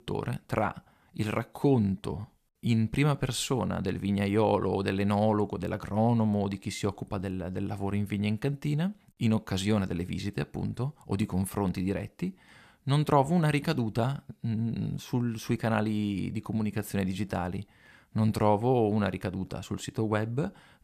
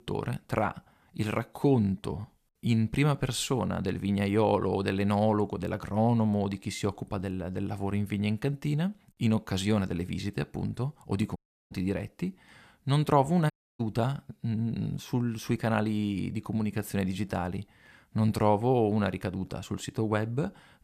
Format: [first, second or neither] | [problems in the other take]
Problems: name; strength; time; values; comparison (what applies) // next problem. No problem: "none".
first | audio cutting out; at 11 s and at 14 s